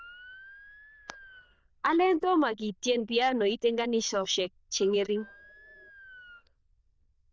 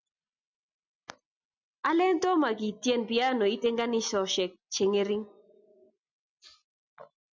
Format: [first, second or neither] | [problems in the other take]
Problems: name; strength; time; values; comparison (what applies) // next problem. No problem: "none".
second | noise reduction (neural diffusion model UNIVERSE++)